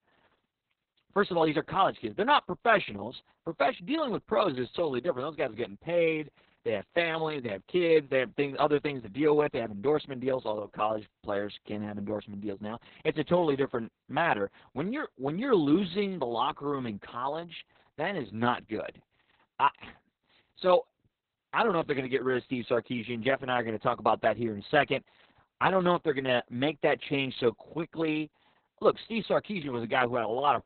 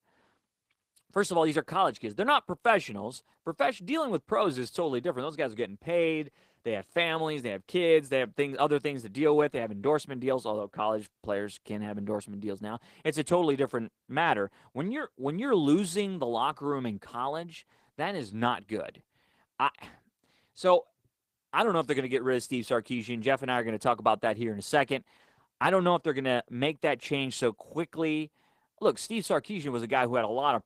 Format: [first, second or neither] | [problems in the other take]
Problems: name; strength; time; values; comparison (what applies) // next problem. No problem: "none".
second | garbled, watery; badly; nothing above 4 kHz; slightly in the second